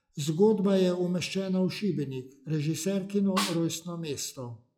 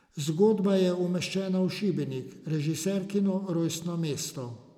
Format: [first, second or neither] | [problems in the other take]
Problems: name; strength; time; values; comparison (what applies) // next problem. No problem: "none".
second | noise reduction (classical method log-MMSE)